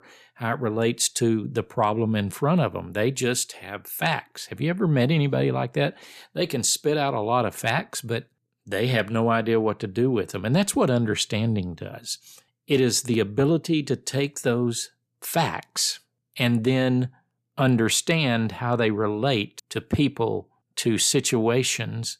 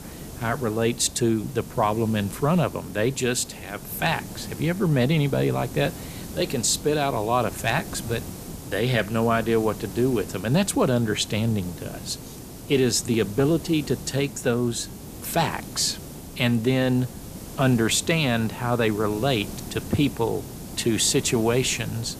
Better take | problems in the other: first | hiss; noticeable; throughout; 15 dB below the speech

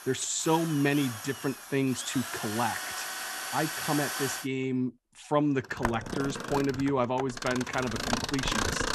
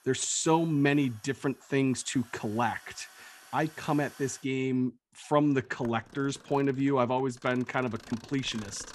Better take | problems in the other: second | machinery noise; loud; throughout; 4 dB below the speech; faint in the second

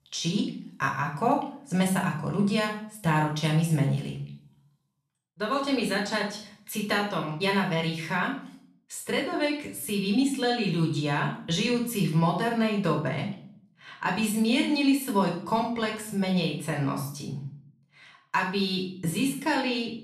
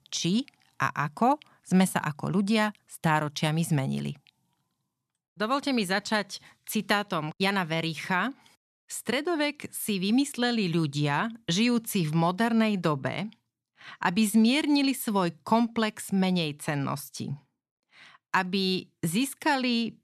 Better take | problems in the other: second | off-mic speech; far // room echo; noticeable; dies away in 0.5 s

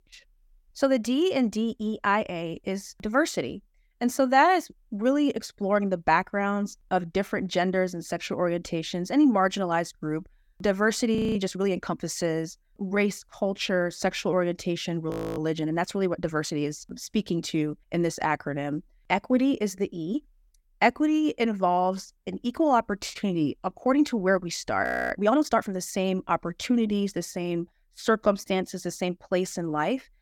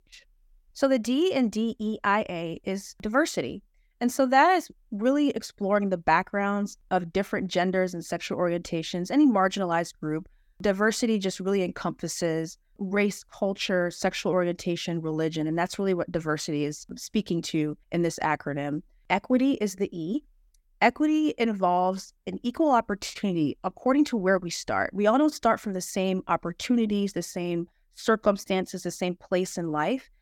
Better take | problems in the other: second | audio freezing; at 11 s, at 15 s and at 25 s

